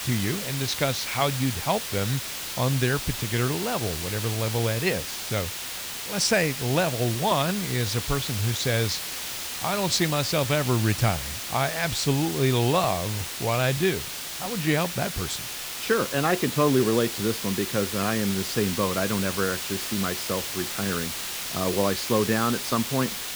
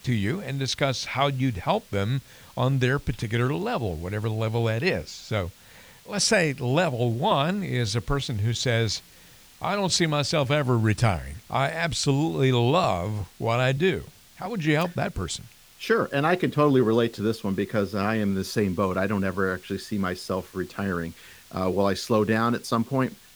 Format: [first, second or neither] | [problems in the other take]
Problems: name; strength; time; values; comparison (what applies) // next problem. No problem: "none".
second | hiss; loud; throughout; 4 dB below the speech; faint in the second